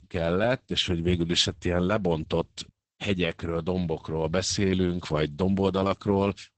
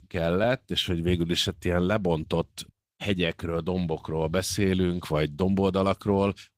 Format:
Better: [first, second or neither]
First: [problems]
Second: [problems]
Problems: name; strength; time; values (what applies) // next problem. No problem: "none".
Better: second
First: garbled, watery; badly; nothing above 8 kHz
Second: garbled, watery; slightly; nothing above 15.5 kHz